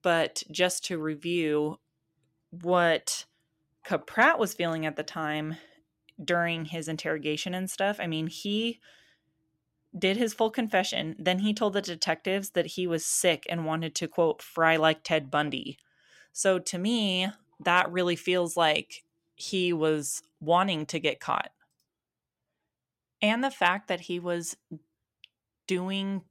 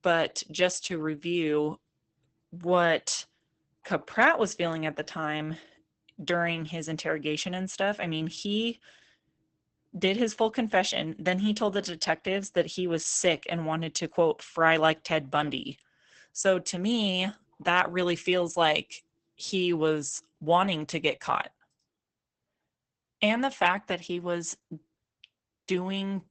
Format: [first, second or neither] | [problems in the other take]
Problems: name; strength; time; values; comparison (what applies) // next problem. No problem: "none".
first | garbled, watery; badly; nothing above 8 kHz